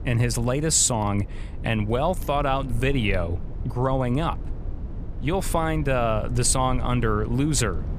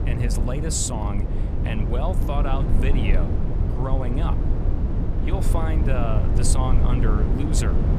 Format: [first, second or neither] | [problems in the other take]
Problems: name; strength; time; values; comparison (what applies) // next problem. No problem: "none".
first | low rumble; loud; throughout; 4 dB below the speech; faint in the first